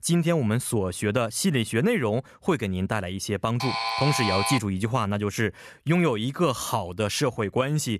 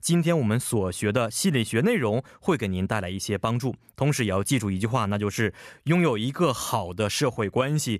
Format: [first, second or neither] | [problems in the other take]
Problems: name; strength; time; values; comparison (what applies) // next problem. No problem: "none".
second | alarm; loud; at 3.5 s; peak level with the speech